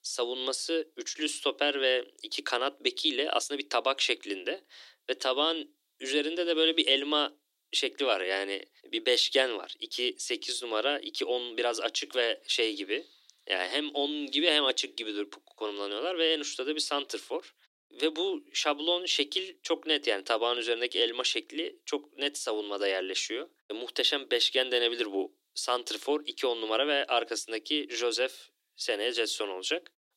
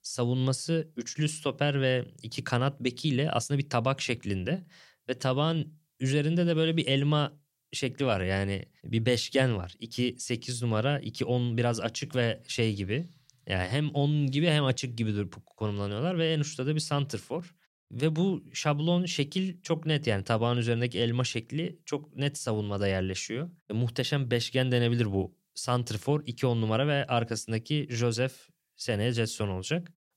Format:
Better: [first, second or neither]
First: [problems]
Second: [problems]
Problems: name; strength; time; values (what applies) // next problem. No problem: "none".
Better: second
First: thin; very; fading below 300 Hz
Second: none